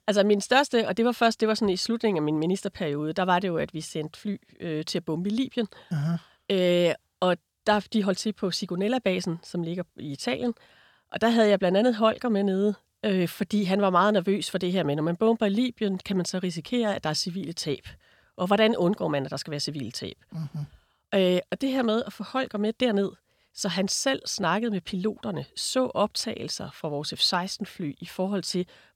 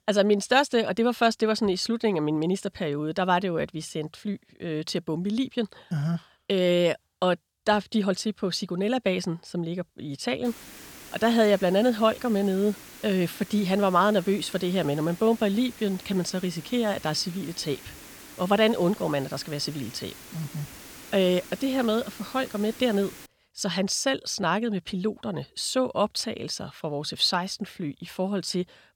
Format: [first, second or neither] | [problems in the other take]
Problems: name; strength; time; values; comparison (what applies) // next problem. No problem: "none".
first | hiss; noticeable; from 10 to 23 s; 15 dB below the speech